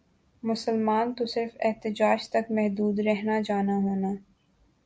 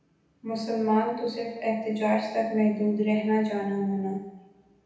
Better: first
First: none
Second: room echo; dies away in 0.9 s

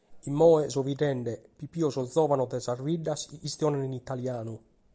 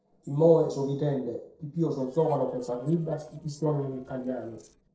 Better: first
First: none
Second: noise reduction (neural separator model SepFormer DNS4)

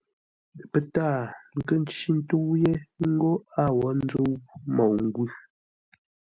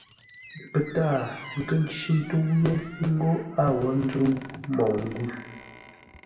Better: first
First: none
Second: background sound (Squeak); 19 dB below the speech // room echo; dies away in 0.9 s

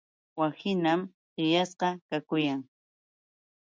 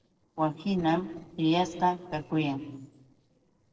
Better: first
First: none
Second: noise reduction (neural separator model SepFormer DNS4)

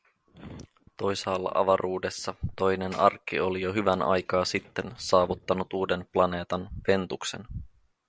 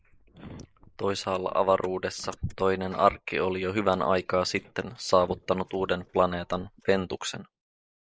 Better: first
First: none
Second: noise reduction (neural mask model Resemble Enhance denoiser)

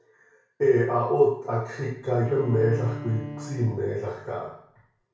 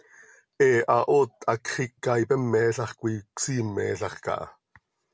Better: second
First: background sound (Bowed string instrument); 13 dB below the speech // room echo; dies away in 0.6 s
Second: none

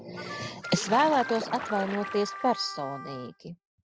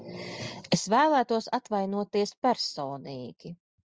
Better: second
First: background sound (Splash, splatter + Harmonica); 9 dB below the speech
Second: none

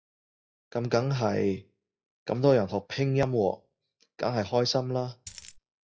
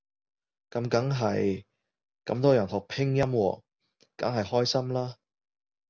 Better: second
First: noise reduction (classical method log-MMSE)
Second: none

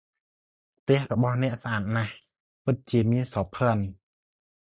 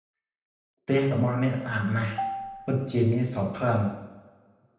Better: first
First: none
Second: background sound (Marimba, xylophone); 11 dB below the speech // room echo; dies away in 0.9 s

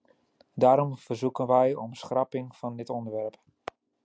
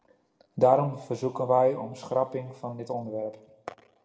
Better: first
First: none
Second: room echo; dies away in 0.8 s

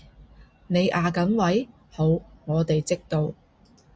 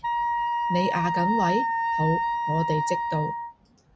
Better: first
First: none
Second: background sound (Wind instrument, woodwind instrument); 2 dB above the speech

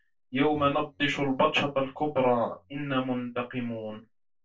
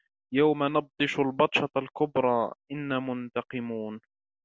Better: second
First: noise reduction (neural separator model SepFormer DNS4)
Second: none

